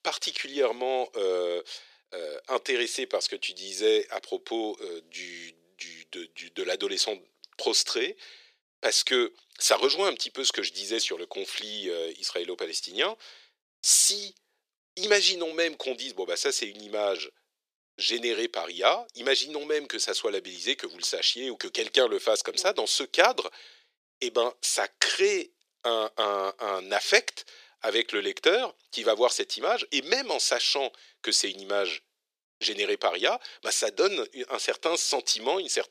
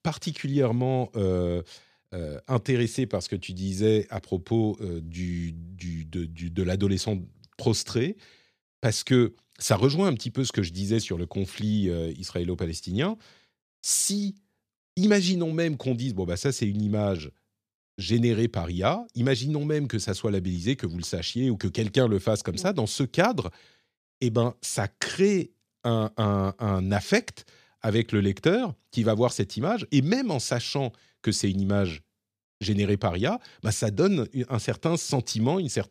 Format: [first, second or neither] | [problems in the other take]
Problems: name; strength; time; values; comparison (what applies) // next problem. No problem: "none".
second | thin; very; fading below 400 Hz